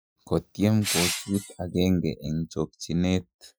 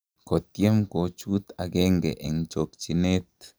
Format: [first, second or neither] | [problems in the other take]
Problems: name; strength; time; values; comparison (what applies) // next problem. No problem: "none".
second | noise reduction (classical method Wiener filter)